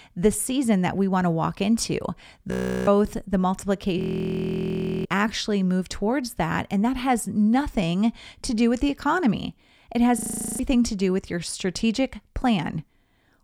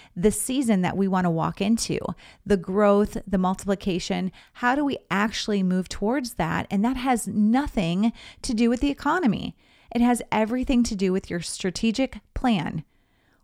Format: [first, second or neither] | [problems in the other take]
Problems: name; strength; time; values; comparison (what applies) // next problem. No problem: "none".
second | audio freezing; at 2.5 s, at 4 s for 1 s and at 10 s